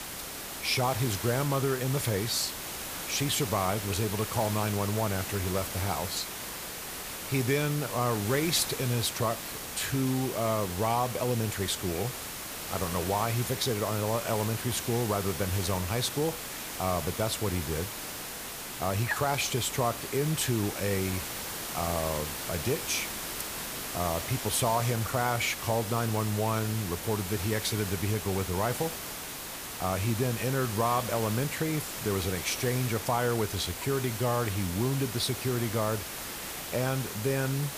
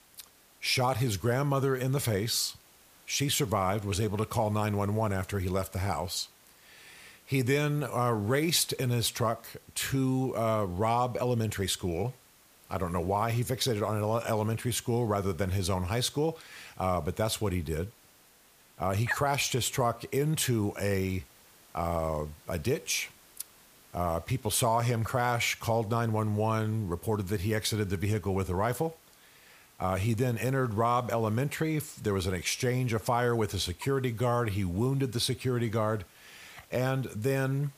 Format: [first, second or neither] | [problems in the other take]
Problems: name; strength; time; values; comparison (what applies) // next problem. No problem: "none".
second | hiss; loud; throughout; 5 dB below the speech; faint in the second